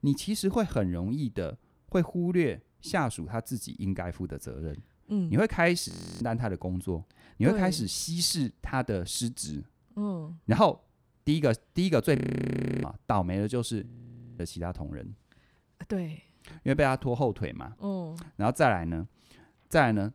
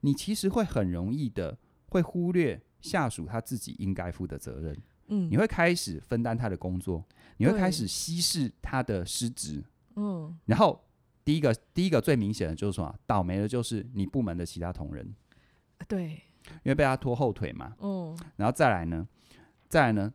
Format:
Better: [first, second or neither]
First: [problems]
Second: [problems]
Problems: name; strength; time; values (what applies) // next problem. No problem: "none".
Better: second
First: audio freezing; at 6 s, at 12 s for 0.5 s and at 14 s for 0.5 s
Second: none